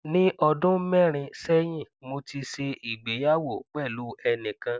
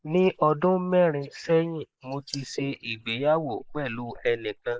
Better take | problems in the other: first | noise reduction (neural mask model Resemble Enhance denoiser)

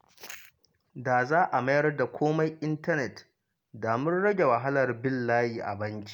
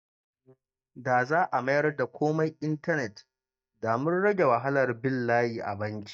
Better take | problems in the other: first | noise reduction (neural mask model DeepFilterNet 3)

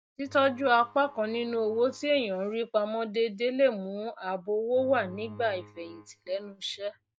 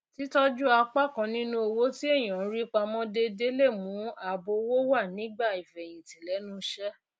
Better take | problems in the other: second | noise reduction (neural mask model DeepFilterNet 3)

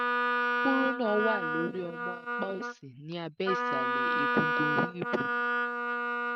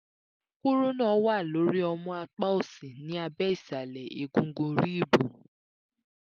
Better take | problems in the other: second | noise reduction (neural mask model RNNoise)

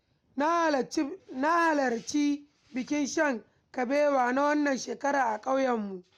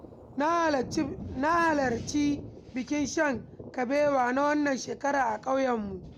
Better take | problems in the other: first | background sound (Thunder); 15 dB below the speech

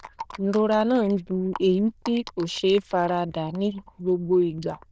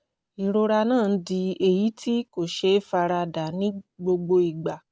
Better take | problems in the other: second | noise reduction (neural diffusion model UNIVERSE++)

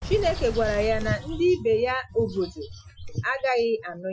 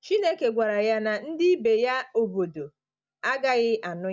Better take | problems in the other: second | noise reduction (classical method Wiener filter)

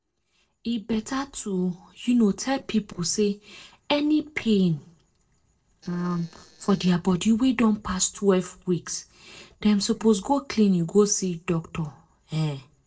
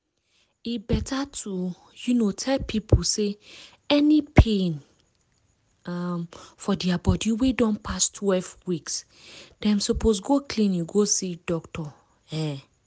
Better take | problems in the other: second | noise reduction (neural separator model SepFormer DNS4)

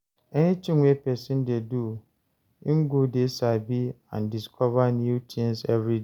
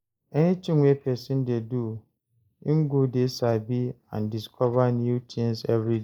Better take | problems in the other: first | noise reduction (neural mask model Resemble Enhance denoiser)

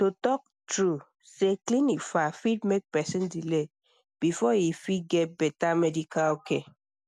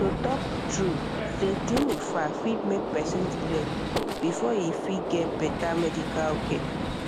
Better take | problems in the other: first | background sound (Gunshot, gunfire); as loud as the speech

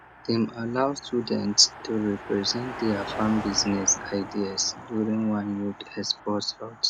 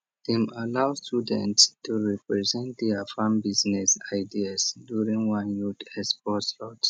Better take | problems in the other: second | background sound (Car passing by); 13 dB below the speech

